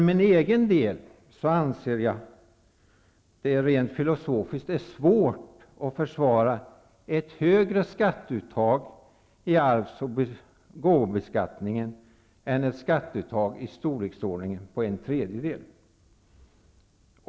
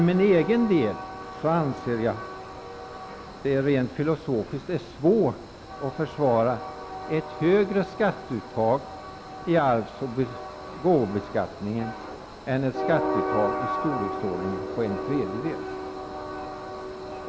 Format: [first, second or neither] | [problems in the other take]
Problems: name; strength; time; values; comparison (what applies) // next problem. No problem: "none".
first | background sound (Train); 8 dB below the speech